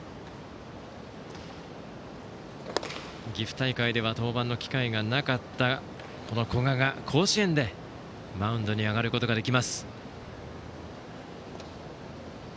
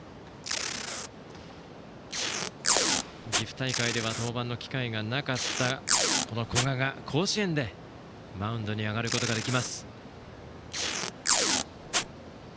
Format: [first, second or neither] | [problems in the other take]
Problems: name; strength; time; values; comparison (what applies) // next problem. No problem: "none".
first | background sound (Packing tape, duct tape); 1 dB above the speech